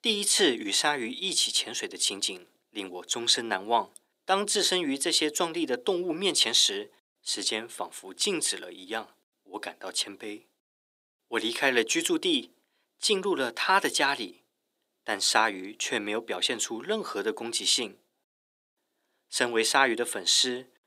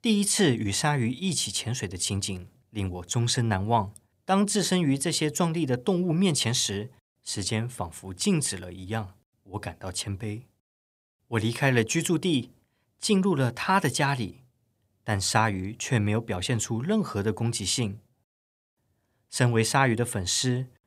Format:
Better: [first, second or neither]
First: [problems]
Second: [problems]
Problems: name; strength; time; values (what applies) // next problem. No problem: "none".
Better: second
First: thin; somewhat; fading below 300 Hz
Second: none